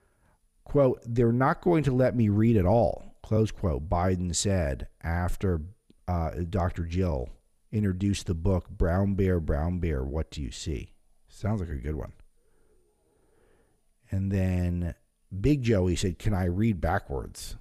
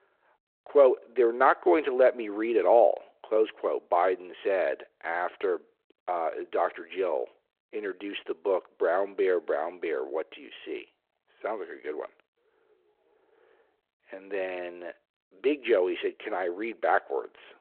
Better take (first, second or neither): first